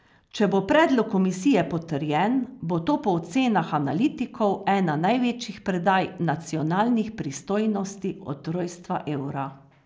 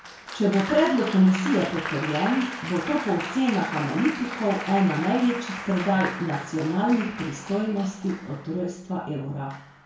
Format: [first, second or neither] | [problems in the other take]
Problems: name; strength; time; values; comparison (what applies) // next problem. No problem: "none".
first | background sound (Applause); 10 dB below the speech // room echo; dies away in 0.3 s